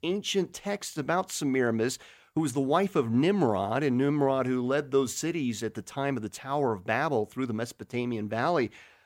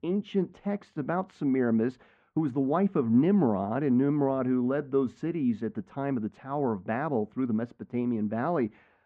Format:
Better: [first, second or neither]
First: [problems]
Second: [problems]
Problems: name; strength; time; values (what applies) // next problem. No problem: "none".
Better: first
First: none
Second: muffled; very; fading above 1.5 kHz